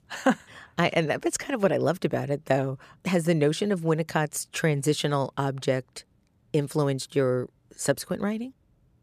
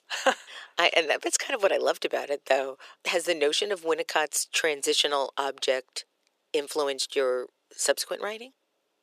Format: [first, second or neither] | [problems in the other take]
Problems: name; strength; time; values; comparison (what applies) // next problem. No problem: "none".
first | thin; very; fading below 400 Hz